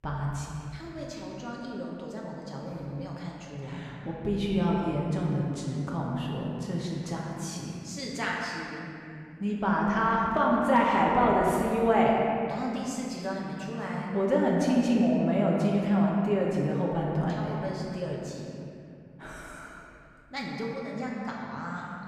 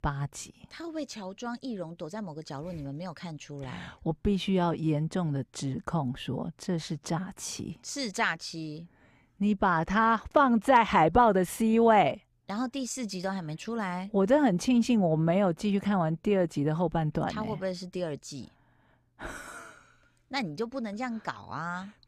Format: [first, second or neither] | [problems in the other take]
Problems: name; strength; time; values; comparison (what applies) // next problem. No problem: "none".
second | room echo; noticeable; dies away in 2.5 s // off-mic speech; far